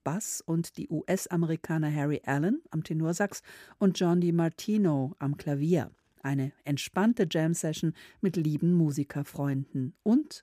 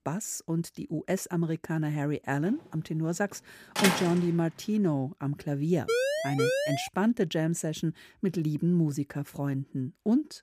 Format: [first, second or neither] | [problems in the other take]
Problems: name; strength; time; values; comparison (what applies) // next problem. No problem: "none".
first | door banging; loud; at 4 s; peak 3 dB above the speech // siren; loud; from 6 to 7 s; peak 2 dB above the speech